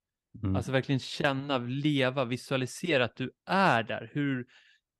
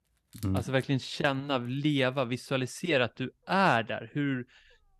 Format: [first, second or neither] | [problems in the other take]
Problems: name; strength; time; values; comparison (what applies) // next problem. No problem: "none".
first | animal sounds; faint; throughout; 25 dB below the speech